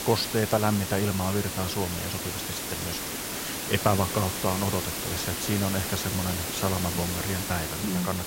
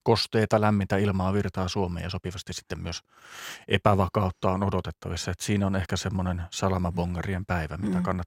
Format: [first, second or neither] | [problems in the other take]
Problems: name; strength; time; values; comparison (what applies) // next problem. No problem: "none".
second | hiss; loud; throughout; 2 dB below the speech